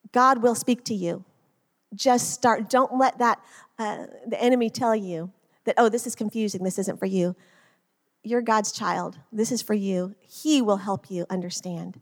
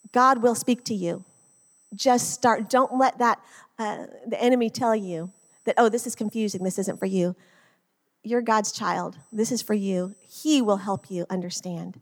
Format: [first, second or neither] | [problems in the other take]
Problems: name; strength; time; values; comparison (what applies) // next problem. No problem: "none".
first | high-pitched whine; faint; until 3 s, from 5 to 7 s and from 9 to 11 s; 8 kHz, 30 dB below the speech